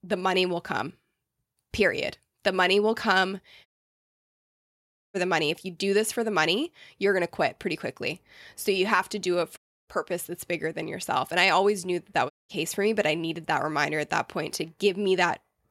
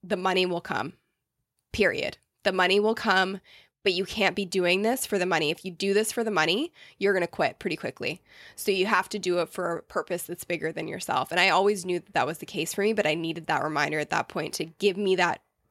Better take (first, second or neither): second